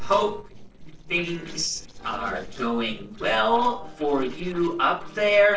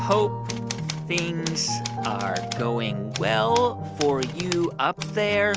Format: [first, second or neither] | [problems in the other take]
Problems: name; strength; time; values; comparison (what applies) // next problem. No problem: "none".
second | noise reduction (neural separator model SepFormer DNS4)